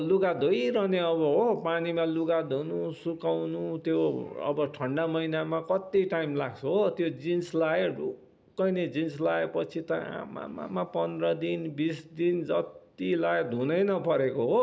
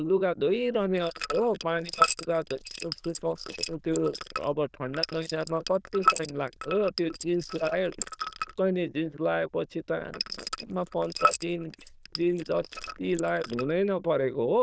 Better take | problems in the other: first | noise reduction (neural diffusion model UNIVERSE++)

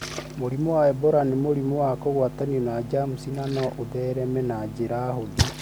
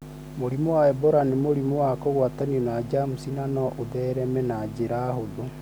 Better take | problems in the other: second | background sound (Splash, splatter); 11 dB below the speech

